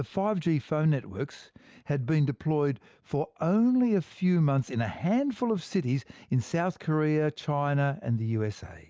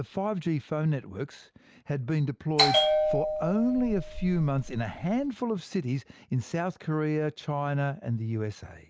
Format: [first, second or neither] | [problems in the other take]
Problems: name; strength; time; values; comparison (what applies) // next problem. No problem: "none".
first | background sound (Bell); 1 dB above the speech